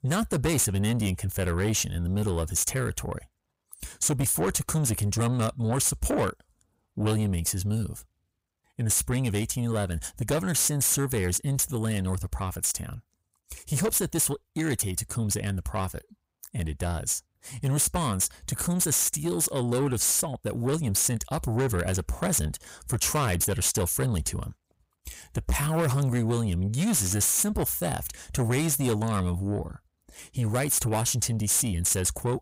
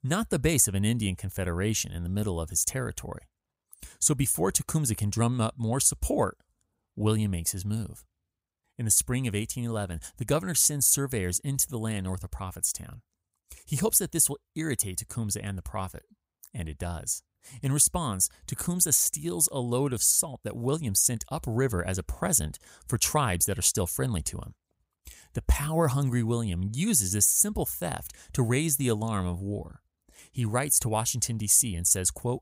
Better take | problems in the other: second | distortion; heavy; 7 dB below the speech

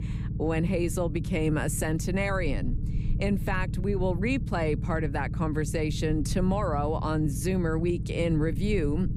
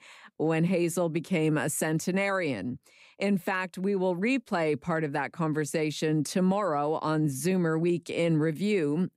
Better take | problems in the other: second | low rumble; noticeable; throughout; 15 dB below the speech

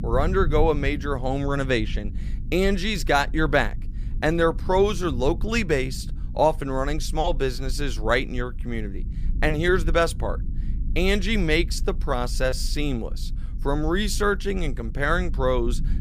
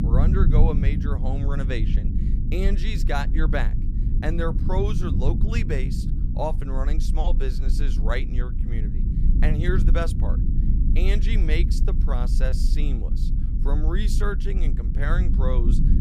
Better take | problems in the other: first | low rumble; loud; throughout; 7 dB below the speech; faint in the first

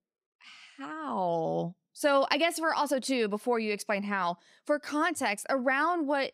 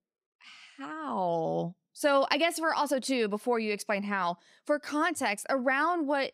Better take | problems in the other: neither | none

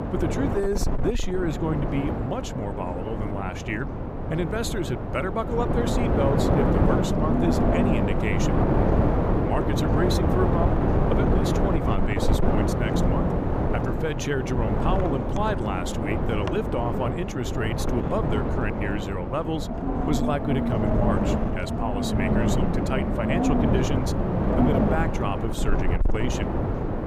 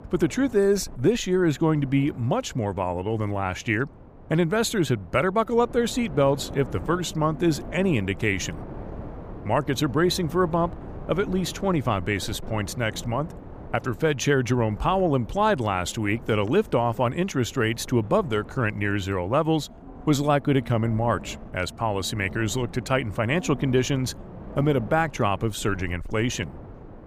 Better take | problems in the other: second | wind noise on the microphone; heavy; 2 dB above the speech; occasional gusts in the second

